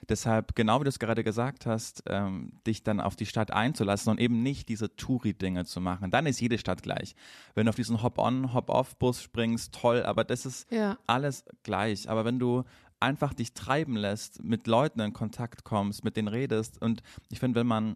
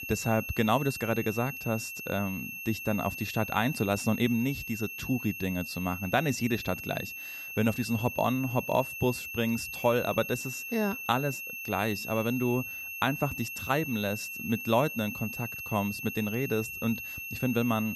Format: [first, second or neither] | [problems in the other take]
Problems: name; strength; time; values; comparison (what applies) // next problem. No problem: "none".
first | high-pitched whine; loud; throughout; 2.5 kHz, 6 dB below the speech